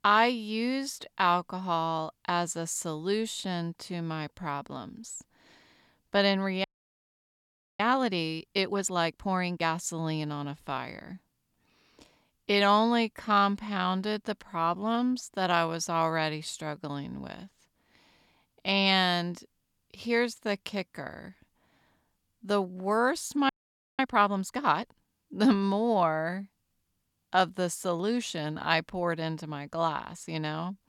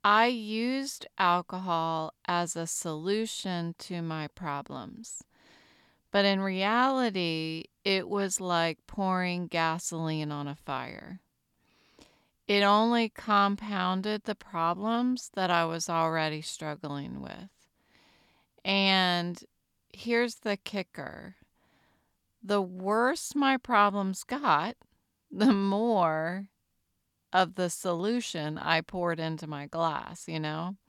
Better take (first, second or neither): second